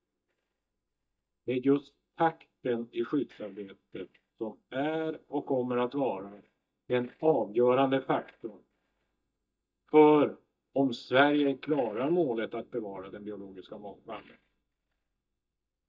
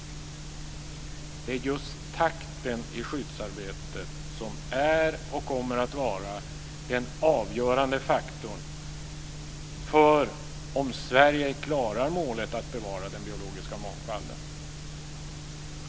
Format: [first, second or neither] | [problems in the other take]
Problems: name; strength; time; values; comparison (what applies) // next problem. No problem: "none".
second | noise reduction (neural mask model DeepFilterNet 3)